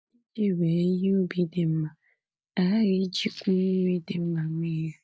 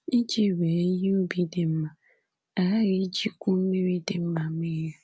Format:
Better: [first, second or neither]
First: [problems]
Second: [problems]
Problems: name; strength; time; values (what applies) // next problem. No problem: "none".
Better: second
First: noise reduction (neural mask model DeepFilterNet 3)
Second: none